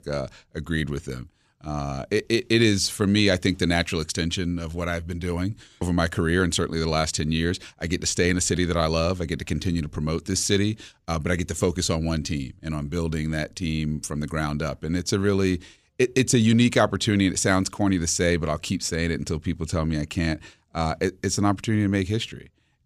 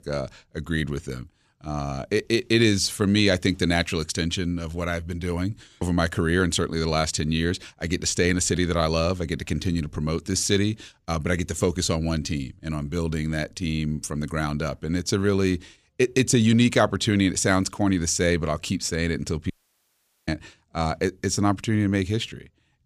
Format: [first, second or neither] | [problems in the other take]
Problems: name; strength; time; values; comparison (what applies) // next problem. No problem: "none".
first | audio cutting out; at 20 s for 1 s